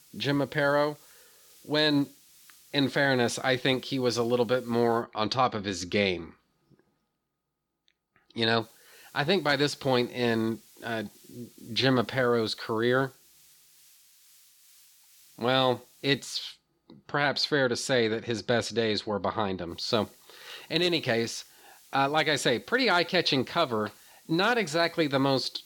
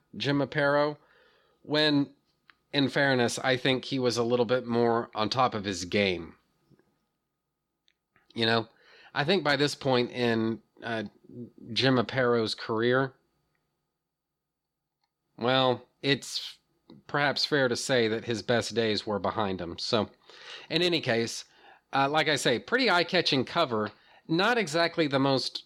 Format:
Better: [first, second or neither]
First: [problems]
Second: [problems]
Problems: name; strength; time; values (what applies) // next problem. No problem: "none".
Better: second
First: hiss; faint; until 5 s, from 8.5 to 16 s and from 20 s on; 25 dB below the speech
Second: none